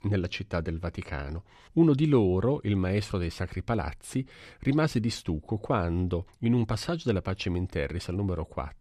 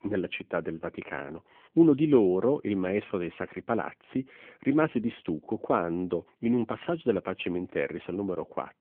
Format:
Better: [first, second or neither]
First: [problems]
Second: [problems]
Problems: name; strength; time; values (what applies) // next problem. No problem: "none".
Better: first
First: none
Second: phone-call audio; nothing above 3.5 kHz